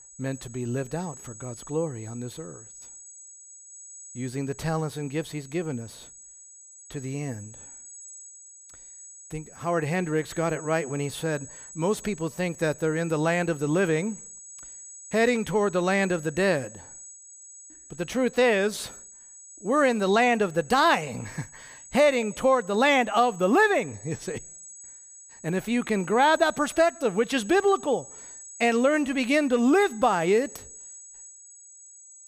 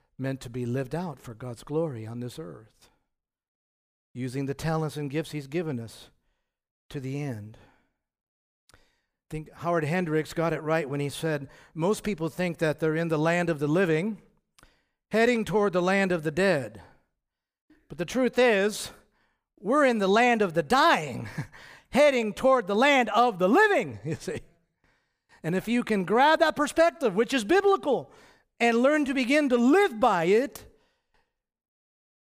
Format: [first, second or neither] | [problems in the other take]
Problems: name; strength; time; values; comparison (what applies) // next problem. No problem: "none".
second | high-pitched whine; noticeable; throughout; 8 kHz, 20 dB below the speech